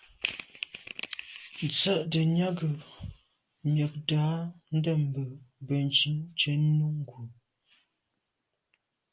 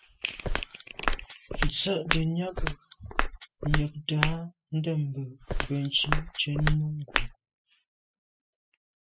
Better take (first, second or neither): first